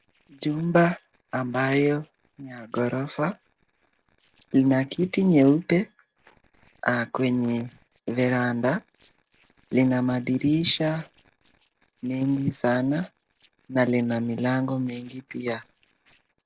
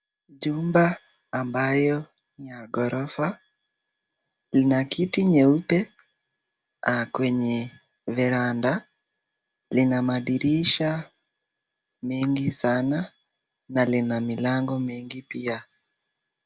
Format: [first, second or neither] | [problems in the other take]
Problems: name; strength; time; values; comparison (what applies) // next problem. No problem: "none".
second | noise reduction (neural separator model SepFormer DNS4)